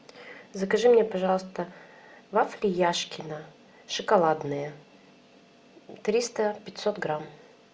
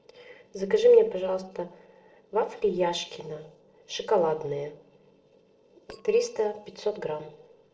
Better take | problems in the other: first | noise reduction (neural separator model SepFormer DNS4)

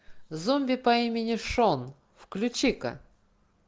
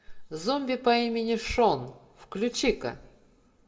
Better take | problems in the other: first | room echo; dies away in 0.4 s

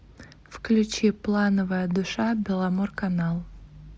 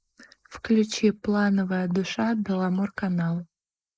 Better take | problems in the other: first | noise reduction (neural mask model Resemble Enhance denoiser)

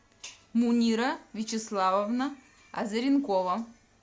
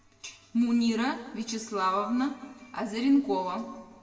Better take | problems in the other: first | room echo; dies away in 1 s

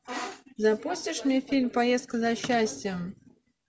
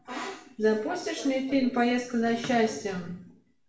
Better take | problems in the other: first | room echo; dies away in 0.5 s

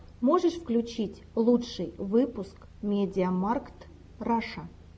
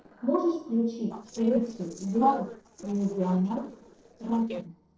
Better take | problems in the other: first | noise reduction (neural separator model SepFormer DNS4)

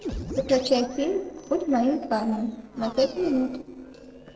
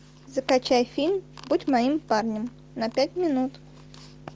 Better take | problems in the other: second | noise reduction (neural separator model SepFormer DNS4)

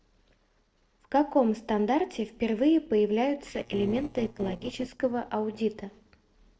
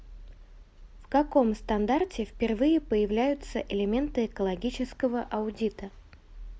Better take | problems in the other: second | noise reduction (neural separator model SepFormer DNS4)

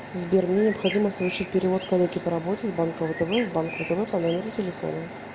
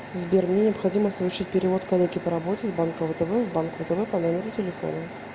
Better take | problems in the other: second | background sound (Bird); 15 dB below the speech

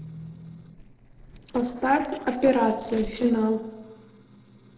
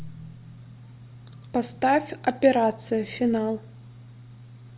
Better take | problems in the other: second | noise reduction (neural separator model SepFormer DNS4)

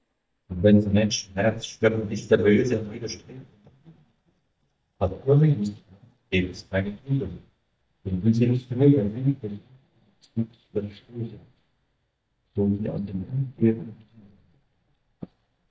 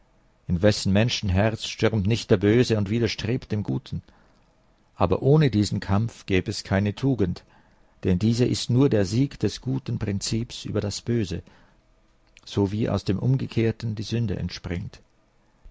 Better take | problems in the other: second | noise reduction (neural mask model DeepFilterNet 3)

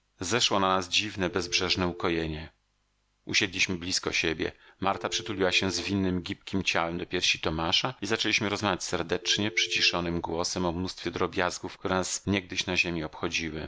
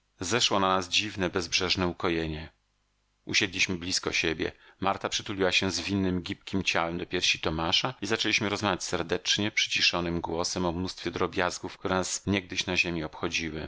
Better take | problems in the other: second | background sound (Telephone); 14 dB below the speech

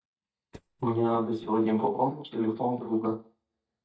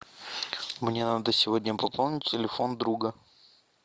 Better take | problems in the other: second | noise reduction (neural mask model DeepFilterNet 3)

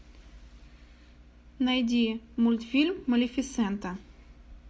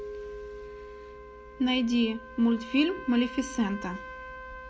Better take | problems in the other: first | background sound (Trumpet + Keyboard (musical)); 13 dB below the speech

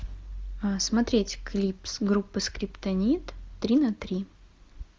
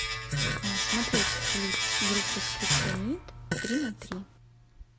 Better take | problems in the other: first | background sound (Fart + Domestic sounds, home sounds); 5 dB above the speech

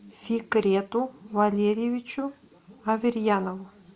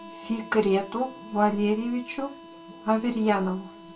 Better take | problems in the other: first | background sound (Harmonica); 18 dB below the speech // room echo; dies away in 0.2 s

